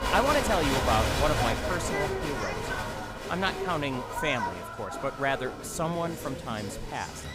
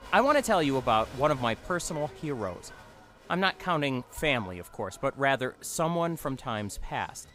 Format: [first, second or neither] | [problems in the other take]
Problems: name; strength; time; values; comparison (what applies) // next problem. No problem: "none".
second | crowd noise; loud; throughout; 1 dB below the speech; faint in the second